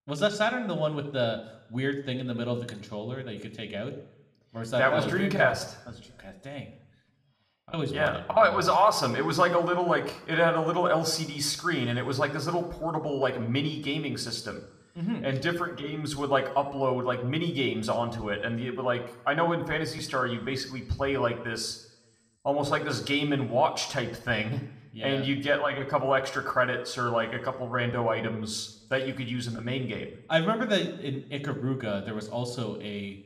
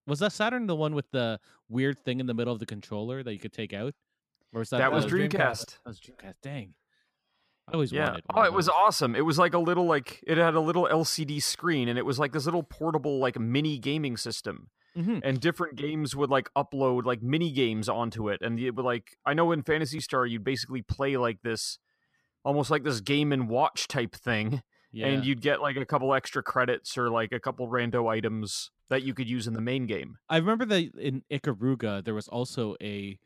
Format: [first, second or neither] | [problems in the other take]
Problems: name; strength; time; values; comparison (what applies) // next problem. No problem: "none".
second | room echo; very slight; dies away in 0.6 s